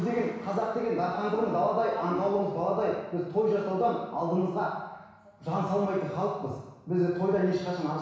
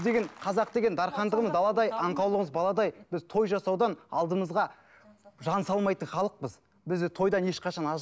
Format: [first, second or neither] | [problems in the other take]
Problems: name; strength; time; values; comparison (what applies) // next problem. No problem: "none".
second | room echo; dies away in 1.1 s